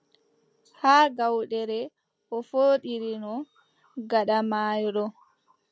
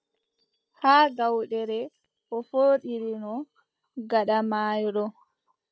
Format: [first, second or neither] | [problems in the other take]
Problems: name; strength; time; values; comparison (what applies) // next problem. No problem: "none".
first | noise reduction (neural mask model DeepFilterNet 3)